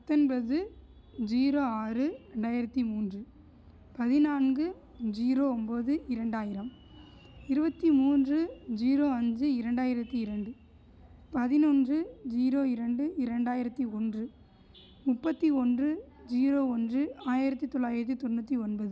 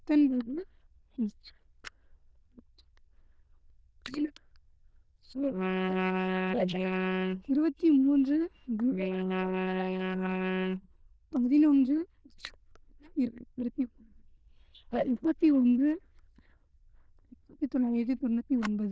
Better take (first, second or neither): first